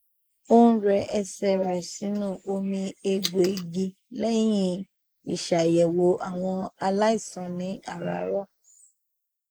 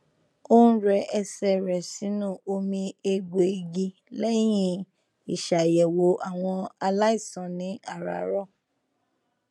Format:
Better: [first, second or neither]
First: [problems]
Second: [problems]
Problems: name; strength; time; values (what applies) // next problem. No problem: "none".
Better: second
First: noise reduction (neural mask model Resemble Enhance denoiser)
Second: none